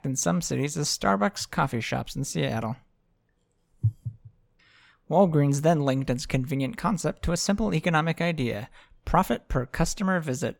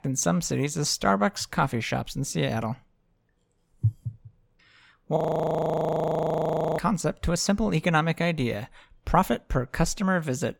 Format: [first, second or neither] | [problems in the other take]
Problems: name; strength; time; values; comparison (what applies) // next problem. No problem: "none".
first | audio freezing; at 5 s for 1.5 s